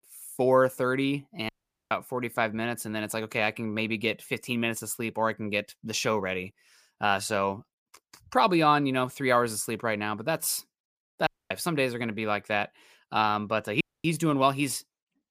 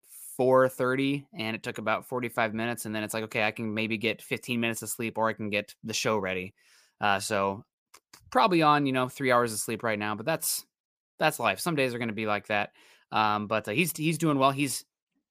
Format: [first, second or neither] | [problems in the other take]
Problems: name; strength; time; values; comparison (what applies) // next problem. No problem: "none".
second | audio cutting out; at 1.5 s, at 11 s and at 14 s